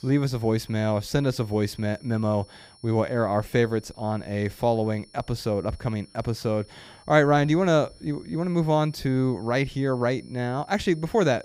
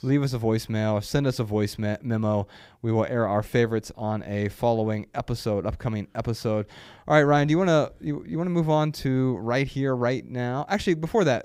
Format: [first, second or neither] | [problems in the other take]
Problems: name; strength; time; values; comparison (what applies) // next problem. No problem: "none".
second | high-pitched whine; faint; throughout; 5.5 kHz, 25 dB below the speech